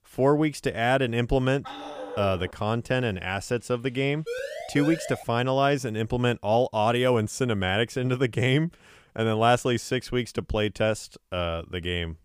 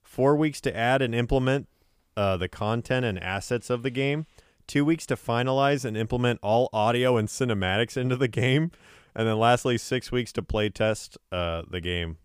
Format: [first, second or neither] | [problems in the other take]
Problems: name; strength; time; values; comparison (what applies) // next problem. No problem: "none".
second | dog barking; faint; at 1.5 s; peak 10 dB below the speech // siren; noticeable; at 4.5 s; peak 7 dB below the speech